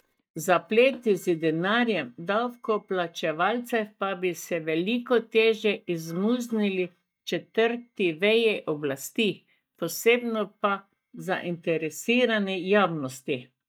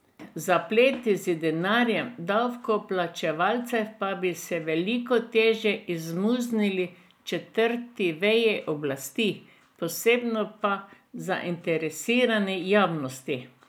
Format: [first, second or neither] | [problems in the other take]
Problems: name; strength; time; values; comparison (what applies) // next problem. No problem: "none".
second | noise reduction (neural mask model DeepFilterNet 3)